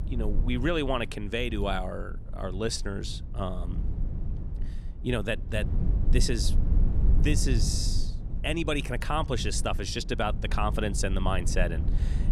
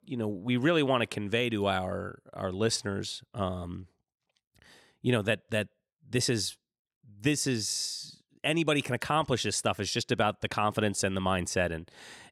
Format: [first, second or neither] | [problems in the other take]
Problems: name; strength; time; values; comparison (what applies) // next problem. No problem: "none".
second | low rumble; noticeable; throughout; 15 dB below the speech